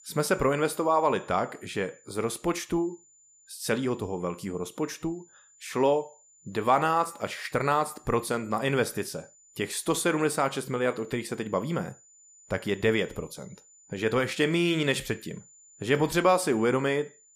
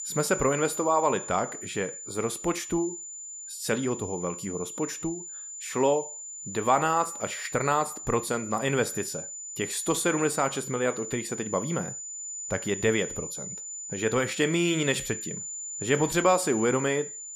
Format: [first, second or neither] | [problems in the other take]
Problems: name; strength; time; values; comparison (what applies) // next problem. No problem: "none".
first | high-pitched whine; loud; throughout; 7 kHz, 8 dB below the speech; faint in the first